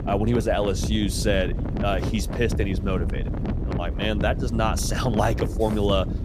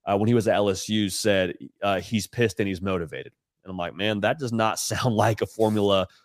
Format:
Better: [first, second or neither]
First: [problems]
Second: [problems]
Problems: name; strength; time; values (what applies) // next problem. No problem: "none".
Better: second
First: wind noise on the microphone; heavy; 10 dB below the speech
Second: none